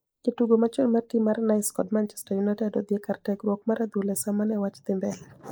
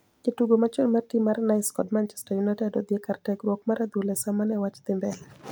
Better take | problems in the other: second | noise reduction (neural mask model Resemble Enhance denoiser)

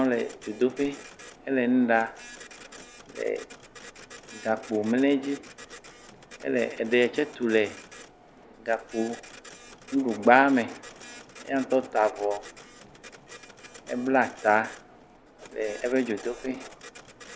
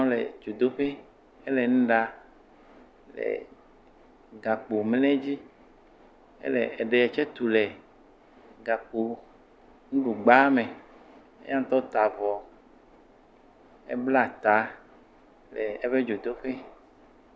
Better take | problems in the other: second | background sound (Printer); 19 dB below the speech

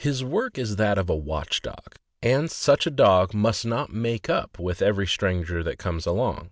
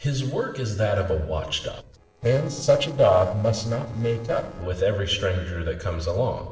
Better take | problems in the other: first | noise reduction (neural separator model SepFormer DNS4)

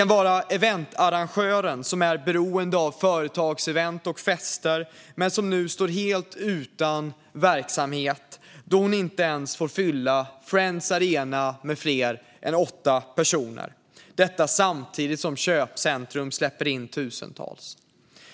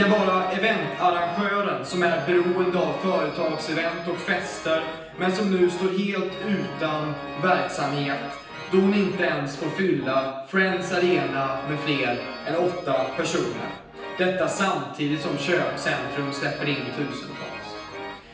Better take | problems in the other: first | background sound (Organ); 12 dB below the speech // room echo; dies away in 0.9 s

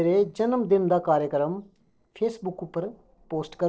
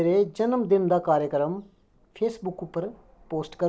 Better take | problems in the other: second | noise reduction (neural separator model SepFormer DNS4)

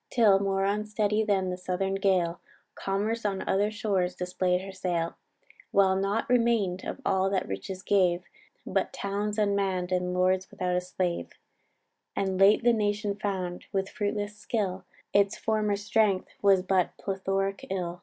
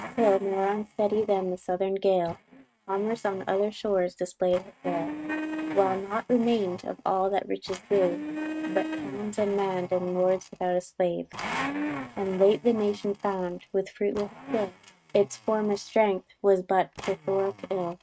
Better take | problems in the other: first | noise reduction (neural mask model RNNoise)

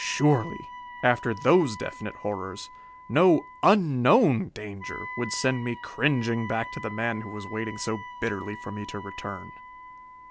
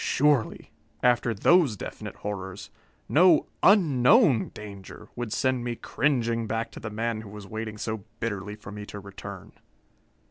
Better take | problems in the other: second | background sound (Wind instrument, woodwind instrument); 15 dB below the speech

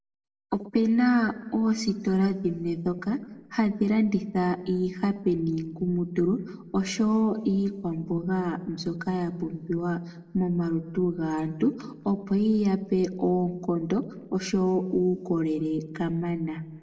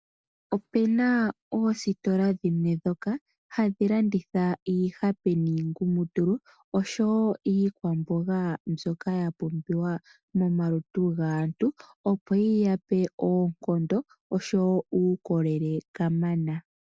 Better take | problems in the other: second | room echo; dies away in 0.9 s

